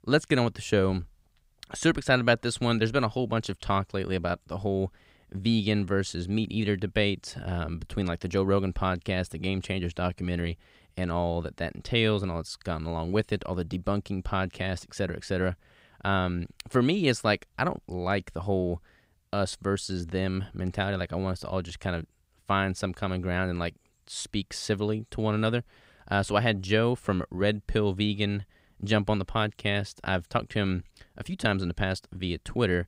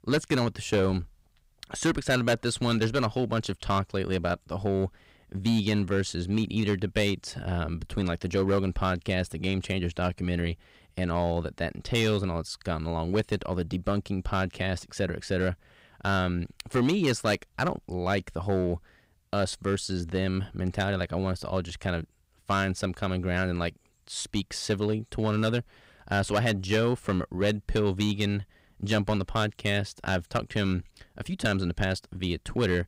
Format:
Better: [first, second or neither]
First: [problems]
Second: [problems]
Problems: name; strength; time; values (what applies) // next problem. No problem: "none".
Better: first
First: none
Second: distortion; slight; 4% of the sound clipped